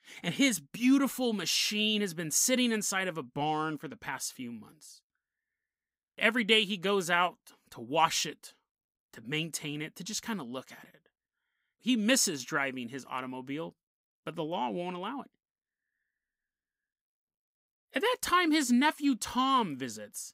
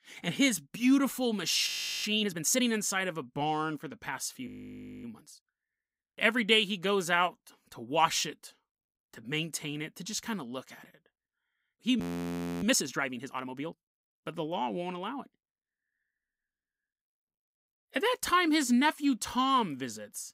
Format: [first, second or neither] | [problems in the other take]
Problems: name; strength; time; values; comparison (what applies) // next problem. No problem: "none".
first | audio freezing; at 1.5 s, at 4.5 s for 0.5 s and at 12 s for 0.5 s